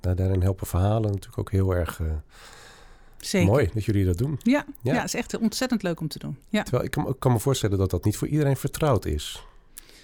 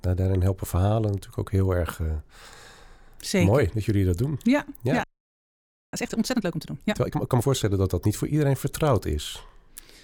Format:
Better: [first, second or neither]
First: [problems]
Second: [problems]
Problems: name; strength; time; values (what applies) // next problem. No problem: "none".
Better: first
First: none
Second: audio freezing; at 5 s for 1 s